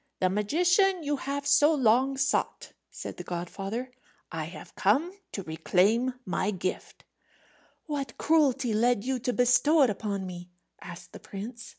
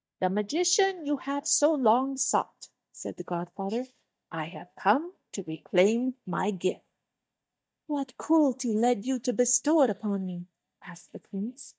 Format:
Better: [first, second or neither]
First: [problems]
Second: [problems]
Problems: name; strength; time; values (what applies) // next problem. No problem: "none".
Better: first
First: none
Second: noise reduction (neural mask model DeepFilterNet 3)